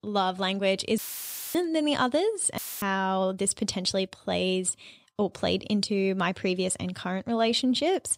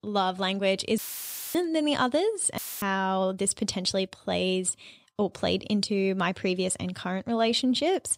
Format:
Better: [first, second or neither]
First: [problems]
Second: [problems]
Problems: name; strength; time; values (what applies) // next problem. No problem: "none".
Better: neither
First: audio cutting out; filled with static; at 1 s for 0.5 s and at 2.5 s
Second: audio cutting out; filled with static; at 1 s for 0.5 s and at 2.5 s